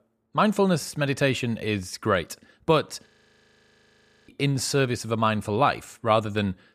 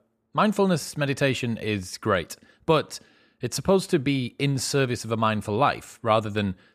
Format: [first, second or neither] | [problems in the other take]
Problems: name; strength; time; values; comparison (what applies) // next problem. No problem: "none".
second | audio freezing; at 3 s for 1 s